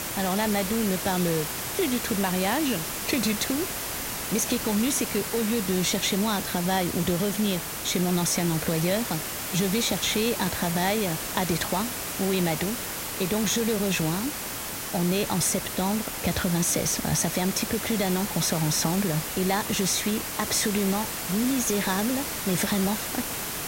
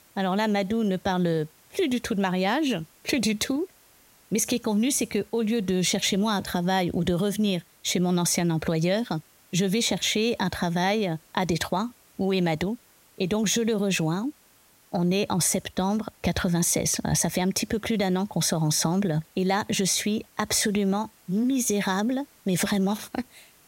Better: second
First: hiss; loud; throughout; 3 dB below the speech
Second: hiss; faint; throughout; 30 dB below the speech

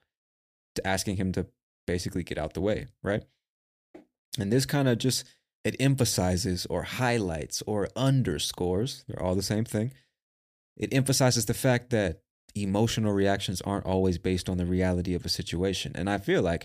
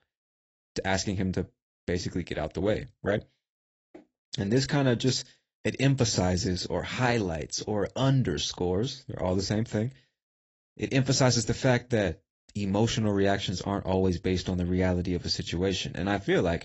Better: first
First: none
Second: garbled, watery; badly; nothing above 8 kHz

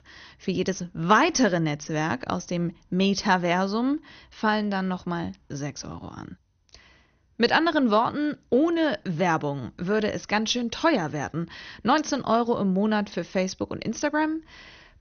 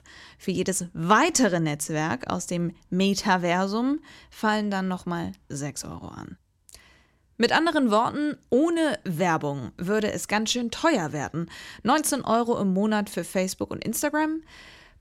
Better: second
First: garbled, watery; slightly; nothing above 6.5 kHz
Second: none

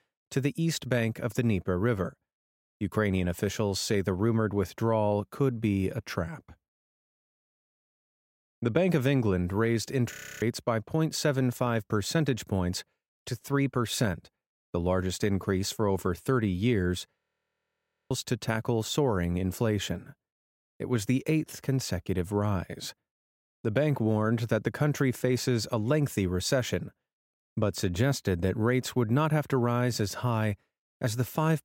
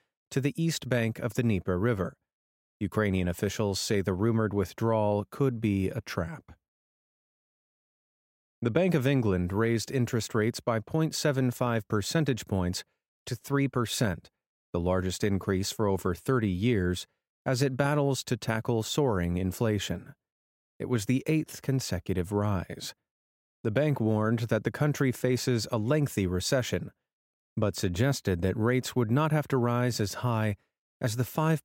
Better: second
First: audio freezing; at 10 s and at 17 s for 1 s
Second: none

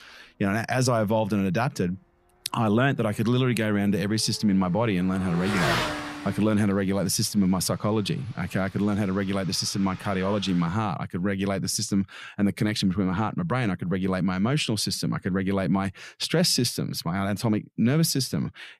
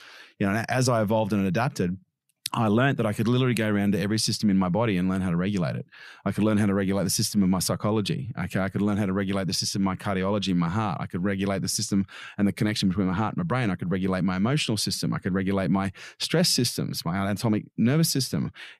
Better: second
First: traffic noise; loud; until 11 s; 7 dB below the speech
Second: none

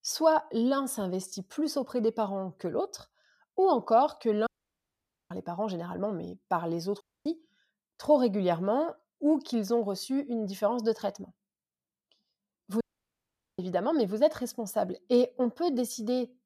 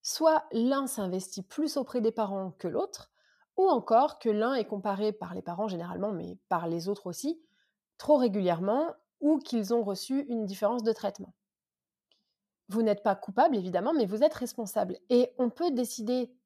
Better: second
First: audio cutting out; at 4.5 s for 1 s, at 7 s and at 13 s for 1 s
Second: none

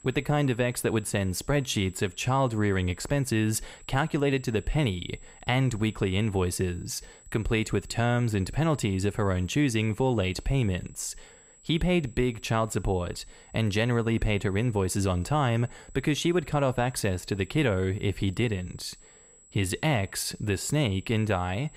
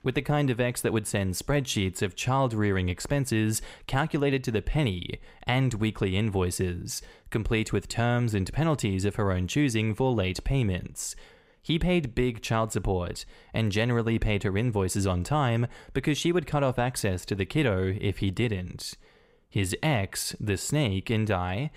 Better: second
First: high-pitched whine; faint; throughout; 7.5 kHz, 25 dB below the speech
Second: none

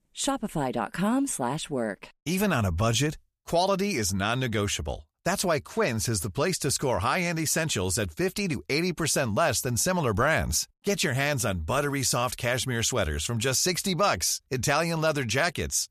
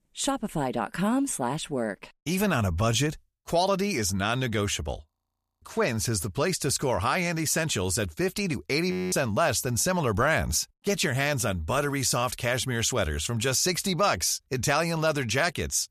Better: first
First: none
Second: audio freezing; at 5 s for 0.5 s and at 9 s

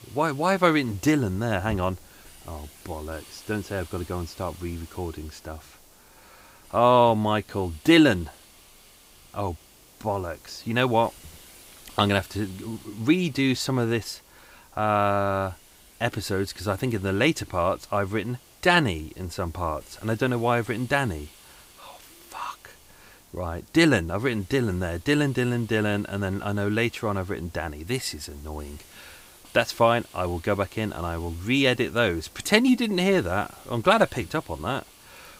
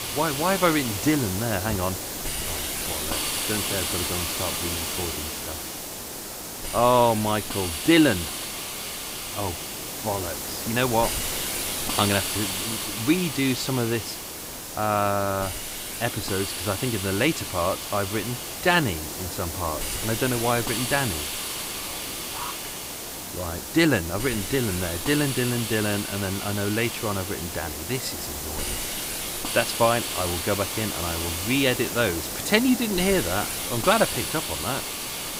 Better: first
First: hiss; faint; throughout; 25 dB below the speech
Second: hiss; loud; throughout; 3 dB below the speech

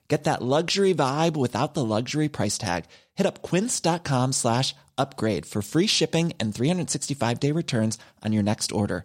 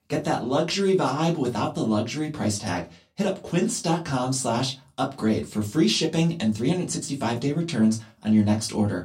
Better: first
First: none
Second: off-mic speech; far // room echo; very slight; dies away in 0.2 s

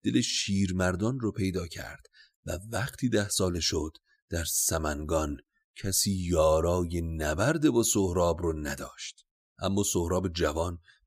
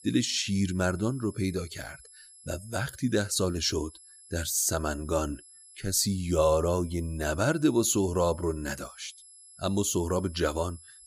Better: first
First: none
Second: high-pitched whine; faint; throughout; 11 kHz, 20 dB below the speech

